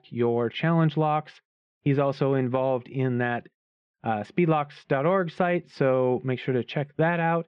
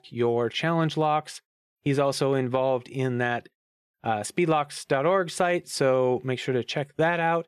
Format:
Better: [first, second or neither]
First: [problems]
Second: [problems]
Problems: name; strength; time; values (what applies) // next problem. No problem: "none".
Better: second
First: muffled; slightly; fading above 3 kHz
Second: none